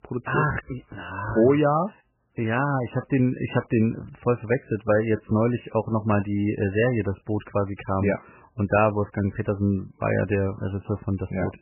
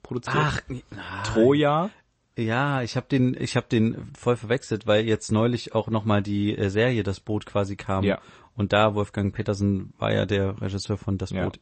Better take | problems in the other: second | garbled, watery; badly; nothing above 3 kHz; slightly in the second

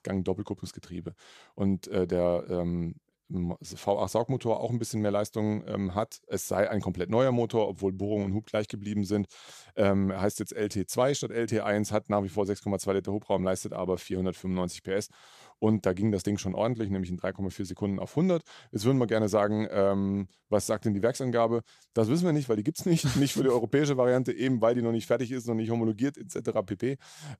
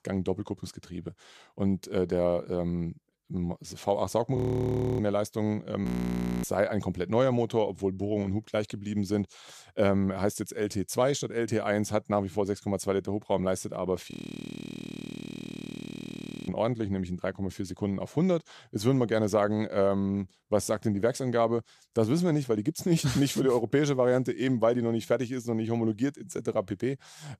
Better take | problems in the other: first | audio freezing; at 4.5 s for 0.5 s, at 6 s for 0.5 s and at 14 s for 2.5 s

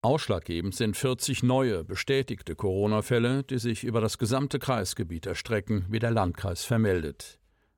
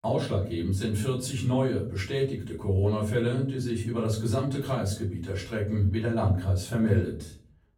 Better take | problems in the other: first | off-mic speech; far // room echo; slight; dies away in 0.5 s

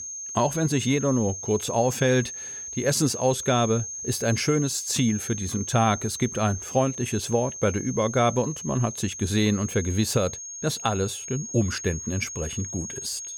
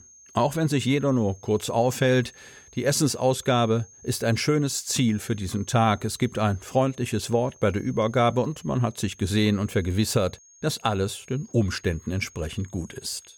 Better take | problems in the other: second | high-pitched whine; loud; throughout; 6.5 kHz, 8 dB below the speech; faint in the second

